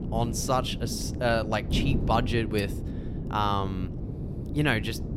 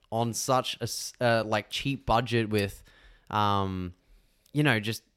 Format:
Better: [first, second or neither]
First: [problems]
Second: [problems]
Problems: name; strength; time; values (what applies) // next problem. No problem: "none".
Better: second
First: wind noise on the microphone; occasional gusts; 10 dB below the speech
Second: none